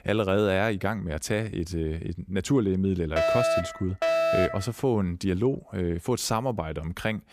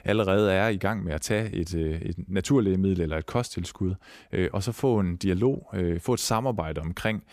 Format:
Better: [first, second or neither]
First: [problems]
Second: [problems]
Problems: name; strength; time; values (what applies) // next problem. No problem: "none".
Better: second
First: alarm; loud; from 3 to 4.5 s; peak 4 dB above the speech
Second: none